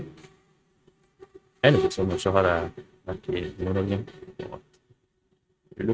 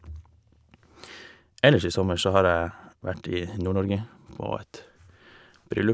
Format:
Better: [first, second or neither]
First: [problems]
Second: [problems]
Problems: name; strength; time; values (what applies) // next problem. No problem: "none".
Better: second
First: noise reduction (neural mask model RNNoise)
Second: none